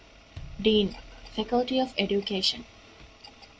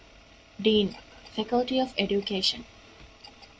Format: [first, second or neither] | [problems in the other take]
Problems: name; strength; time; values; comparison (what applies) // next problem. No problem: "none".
second | background sound (Bass drum); 17 dB below the speech